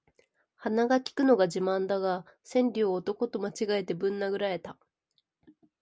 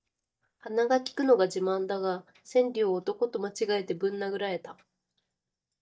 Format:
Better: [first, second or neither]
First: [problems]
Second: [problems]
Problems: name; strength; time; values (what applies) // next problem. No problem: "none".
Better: first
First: none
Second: noise reduction (neural mask model DeepFilterNet 3)